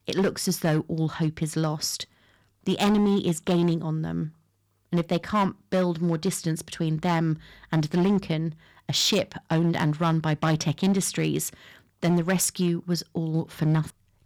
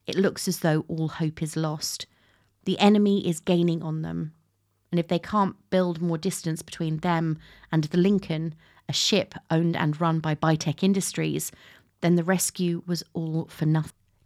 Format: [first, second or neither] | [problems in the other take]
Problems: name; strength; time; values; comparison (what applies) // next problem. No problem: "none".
second | distortion; slight; 7% of the sound clipped